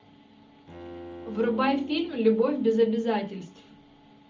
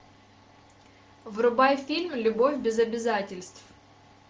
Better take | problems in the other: second | background sound (Bowed string instrument); 18 dB below the speech // room echo; dies away in 0.4 s

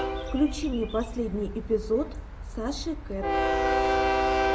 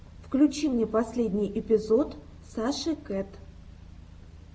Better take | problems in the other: second | background sound (Train); 3 dB above the speech

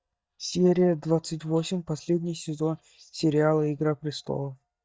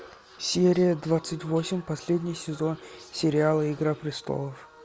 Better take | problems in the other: second | noise reduction (neural mask model DeepFilterNet 3)

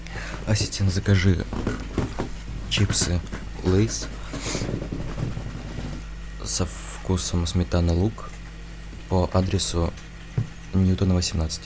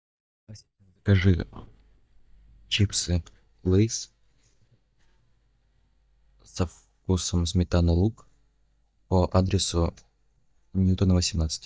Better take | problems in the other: first | noise reduction (neural mask model DeepFilterNet 3)

